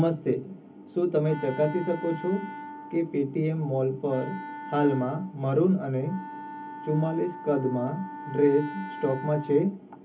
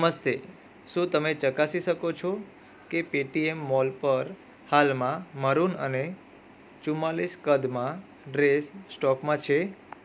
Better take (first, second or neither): second